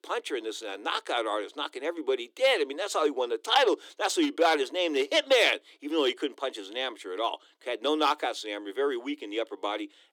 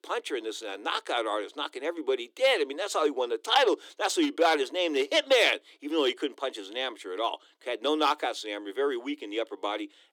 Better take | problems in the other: neither | thin; somewhat; fading below 300 Hz; the same in both

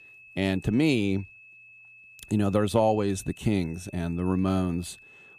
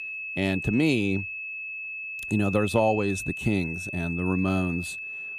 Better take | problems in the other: first | high-pitched whine; loud; throughout; 2.5 kHz, 6 dB below the speech; faint in the first

